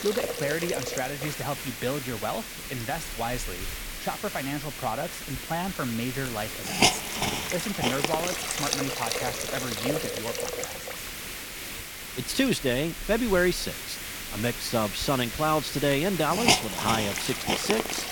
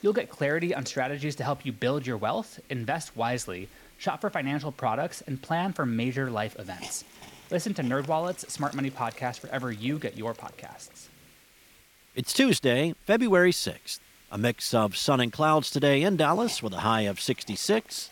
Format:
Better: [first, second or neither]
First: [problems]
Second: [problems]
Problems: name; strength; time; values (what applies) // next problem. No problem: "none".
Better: second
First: hiss; loud; throughout; as loud as the speech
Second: hiss; faint; throughout; 25 dB below the speech